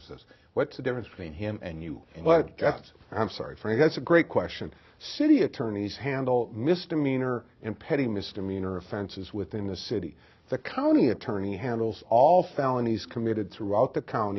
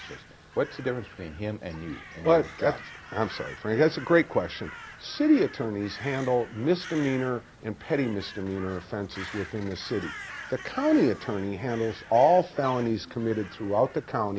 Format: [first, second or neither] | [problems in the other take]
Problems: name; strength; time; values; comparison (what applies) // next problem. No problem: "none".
first | background sound (Crow); 17 dB below the speech